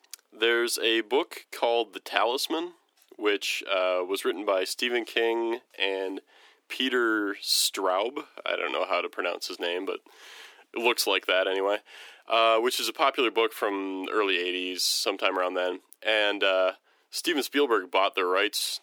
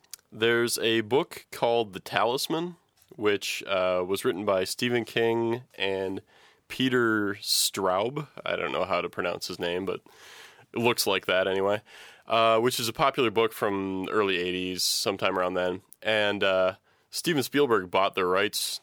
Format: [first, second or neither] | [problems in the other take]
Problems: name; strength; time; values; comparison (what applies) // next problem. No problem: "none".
second | thin; very slightly; fading below 300 Hz